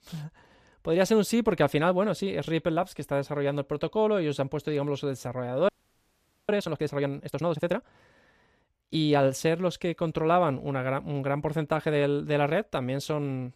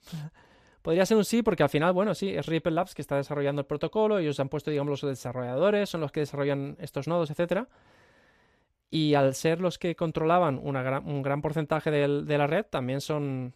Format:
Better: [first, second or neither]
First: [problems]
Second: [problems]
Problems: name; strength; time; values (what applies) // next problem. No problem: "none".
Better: second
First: audio freezing; at 5.5 s for 1 s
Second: none